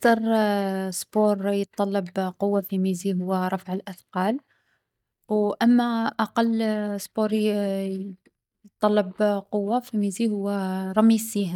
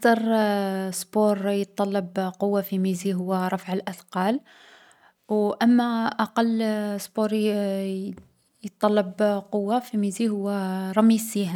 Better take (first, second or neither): second